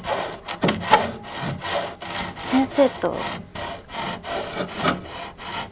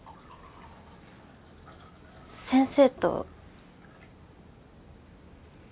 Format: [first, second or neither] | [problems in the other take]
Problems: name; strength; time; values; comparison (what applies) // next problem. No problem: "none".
second | background sound (Sawing); 2 dB above the speech